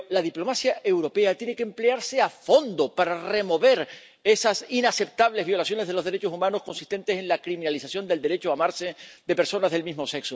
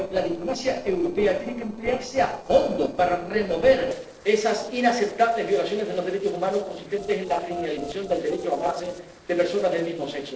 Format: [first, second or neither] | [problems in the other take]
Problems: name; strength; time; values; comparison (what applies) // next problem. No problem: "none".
first | noise reduction (neural separator model SepFormer DNS4)